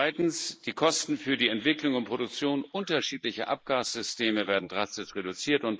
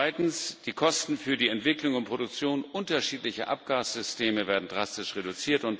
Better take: second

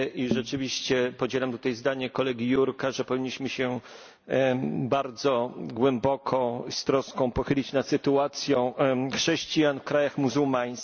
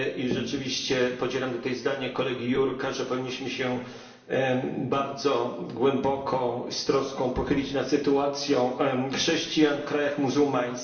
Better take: first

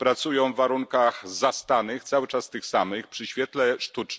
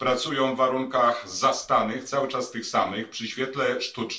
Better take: first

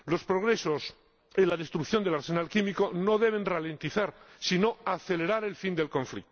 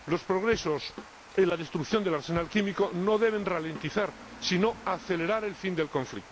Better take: first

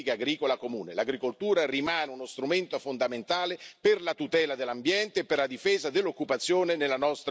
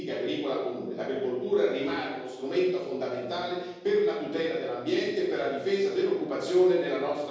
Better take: first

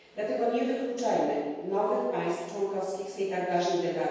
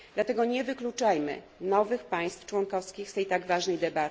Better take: second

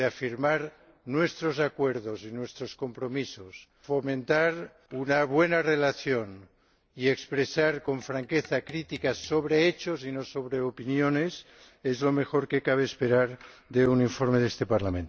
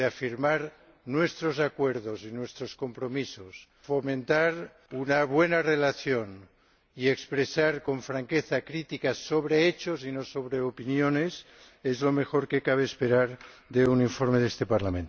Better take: second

